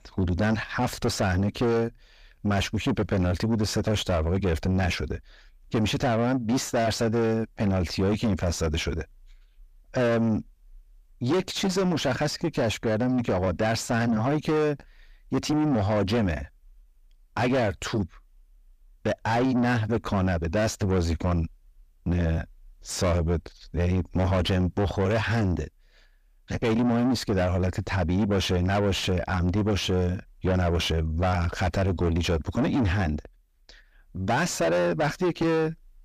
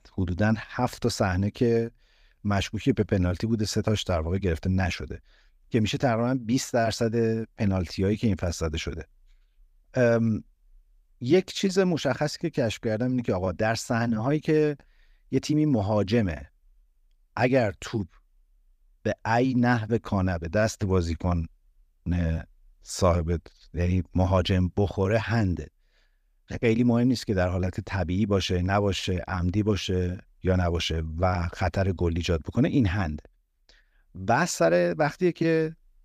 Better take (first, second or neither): second